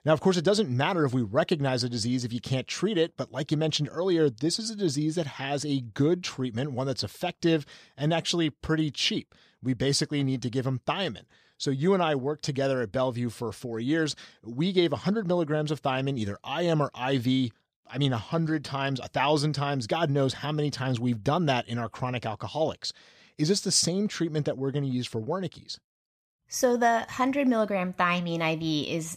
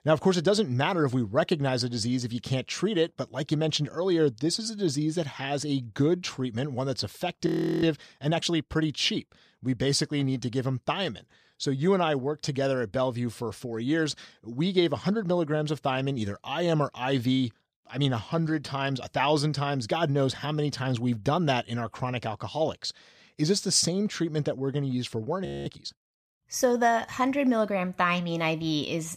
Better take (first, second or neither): first